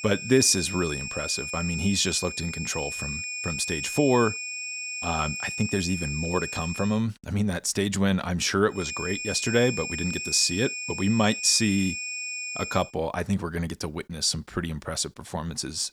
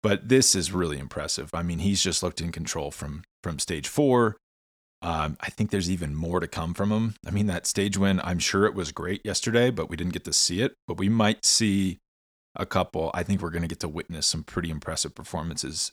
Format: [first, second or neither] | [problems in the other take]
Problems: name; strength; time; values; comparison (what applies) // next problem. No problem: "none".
second | high-pitched whine; loud; until 7 s and from 9 to 13 s; 2.5 kHz, 5 dB below the speech